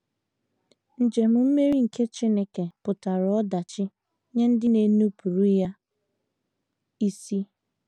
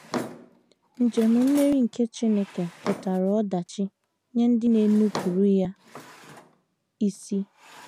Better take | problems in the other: first | background sound (Drawer open or close); 15 dB below the speech

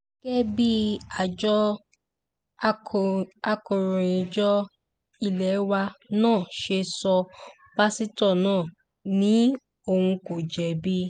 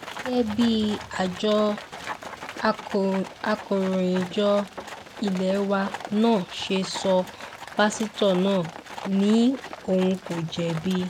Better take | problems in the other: first | background sound (Livestock, farm animals, working animals); 13 dB below the speech

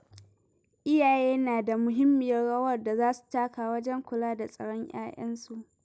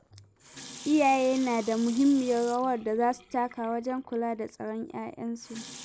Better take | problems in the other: first | background sound (Sink (filling or washing) / Water tap, faucet); 19 dB below the speech

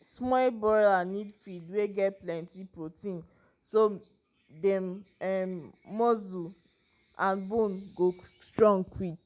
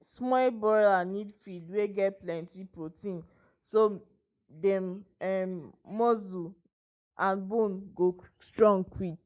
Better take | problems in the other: first | noise reduction (neural mask model Resemble Enhance denoiser)

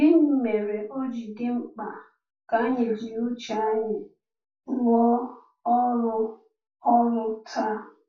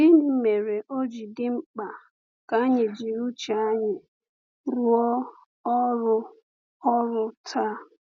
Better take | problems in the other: second | room echo; dies away in 0.3 s

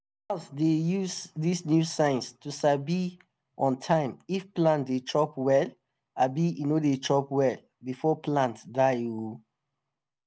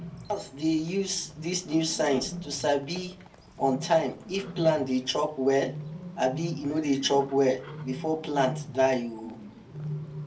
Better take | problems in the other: first | background sound (Bird); 12 dB below the speech // room echo; dies away in 0.2 s

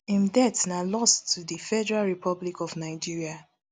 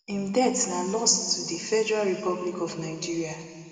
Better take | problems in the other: first | room echo; dies away in 2.3 s

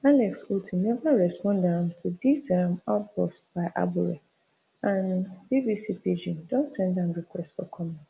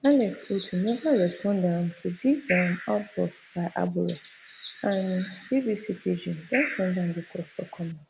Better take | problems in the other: first | background sound (Bird); 12 dB below the speech

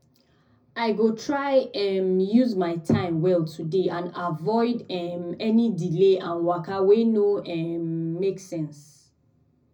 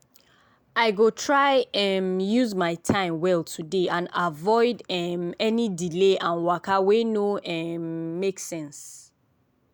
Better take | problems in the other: second | room echo; dies away in 0.4 s

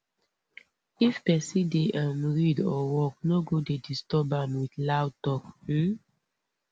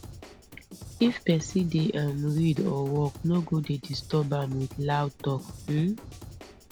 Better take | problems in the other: first | background sound (Drum / Drum kit); 17 dB below the speech

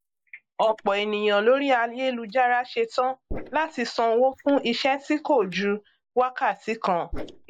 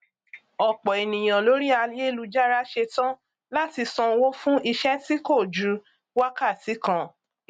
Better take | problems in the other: second | noise reduction (neural mask model Resemble Enhance denoiser)

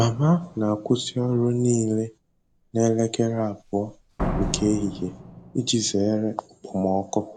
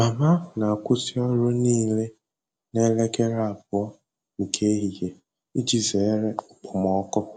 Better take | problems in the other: second | background sound (Slam); 12 dB below the speech

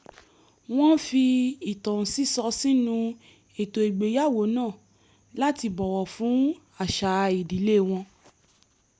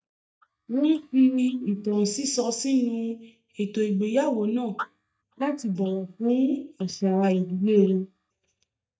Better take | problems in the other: first | noise reduction (neural mask model DeepFilterNet 3)

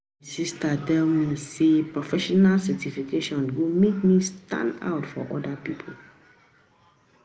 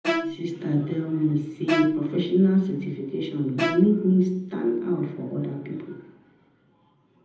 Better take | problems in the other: first | background sound (Bowed string instrument); 6 dB below the speech // room echo; dies away in 0.8 s

